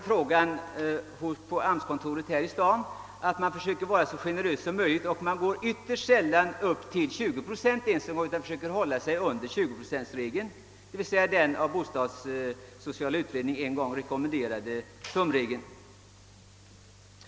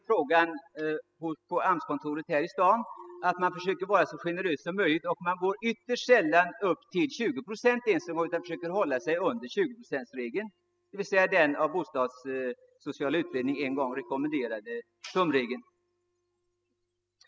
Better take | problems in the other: first | noise reduction (classical method spectral subtraction)

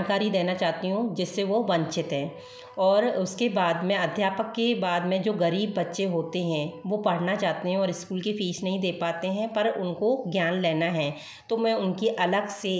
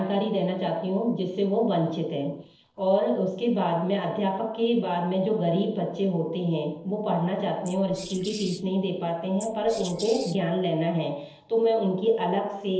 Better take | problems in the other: first | noise reduction (neural separator model SepFormer DNS4)

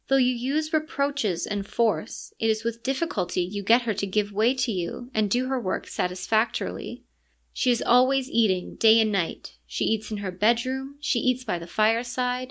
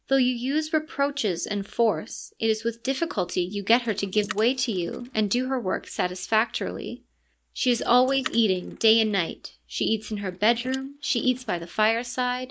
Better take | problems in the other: first | noise reduction (neural mask model Resemble Enhance denoiser)

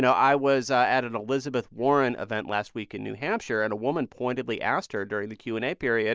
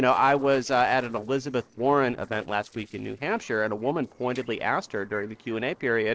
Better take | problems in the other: first | noise reduction (neural separator model SepFormer DNS4)

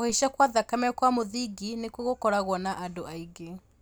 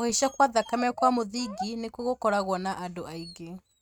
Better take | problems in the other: first | noise reduction (neural mask model RNNoise)

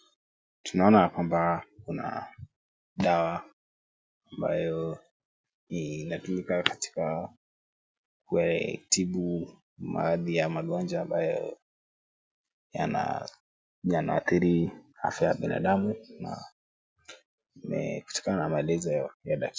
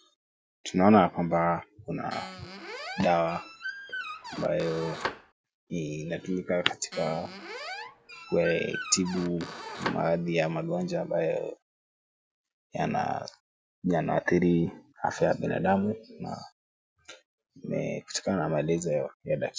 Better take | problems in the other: first | background sound (Squeak); 10 dB below the speech

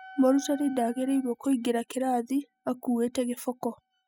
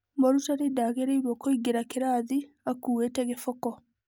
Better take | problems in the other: second | noise reduction (classical method spectral subtraction)

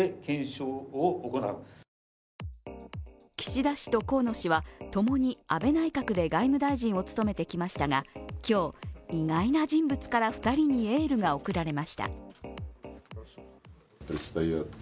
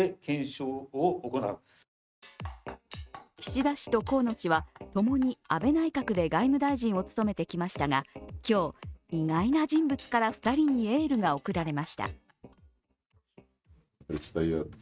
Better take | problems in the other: first | noise reduction (neural mask model RNNoise)

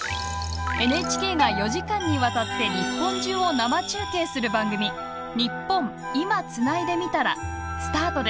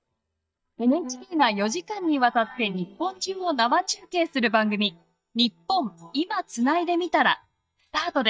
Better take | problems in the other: first | noise reduction (neural mask model DeepFilterNet 3)

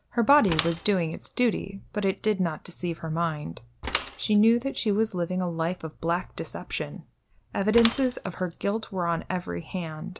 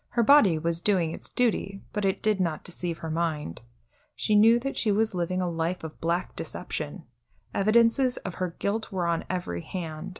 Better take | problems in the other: second | background sound (Mechanisms / Bicycle); 14 dB below the speech

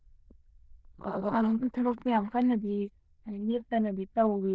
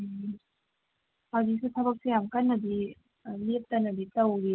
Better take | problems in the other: second | noise reduction (neural diffusion model UNIVERSE++)

